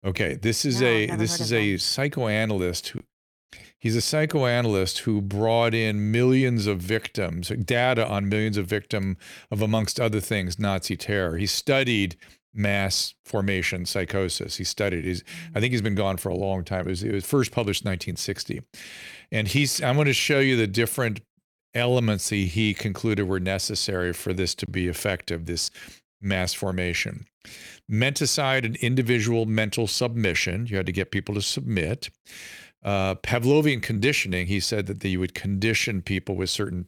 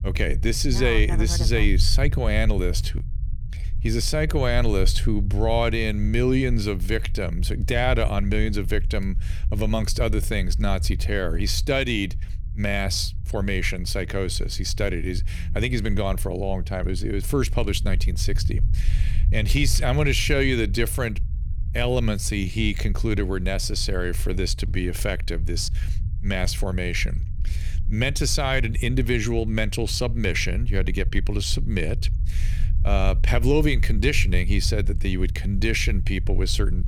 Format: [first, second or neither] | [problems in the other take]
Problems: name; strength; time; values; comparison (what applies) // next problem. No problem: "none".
first | low rumble; noticeable; throughout; 20 dB below the speech